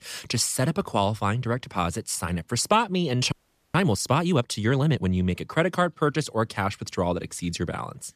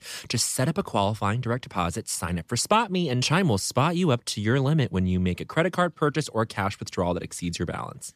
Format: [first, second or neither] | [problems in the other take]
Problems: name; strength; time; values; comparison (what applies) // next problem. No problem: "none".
second | audio freezing; at 3.5 s